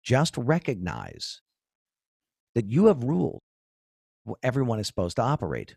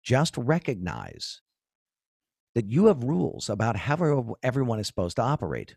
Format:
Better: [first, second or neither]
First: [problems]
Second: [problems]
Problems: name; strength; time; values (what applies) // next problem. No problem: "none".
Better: second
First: audio cutting out; at 3.5 s for 1 s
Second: none